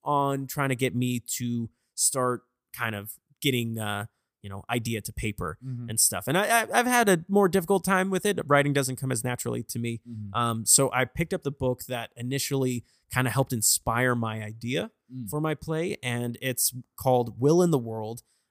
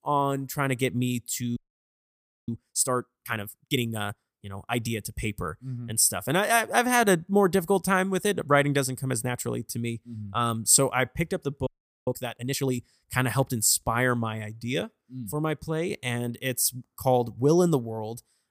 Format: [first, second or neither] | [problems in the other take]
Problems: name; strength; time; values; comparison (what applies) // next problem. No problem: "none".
first | audio freezing; at 1.5 s for 1 s and at 12 s